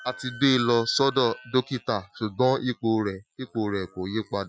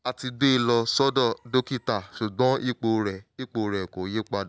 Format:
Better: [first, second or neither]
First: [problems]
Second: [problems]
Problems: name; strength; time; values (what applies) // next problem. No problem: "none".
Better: second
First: noise reduction (classical method Wiener filter)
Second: none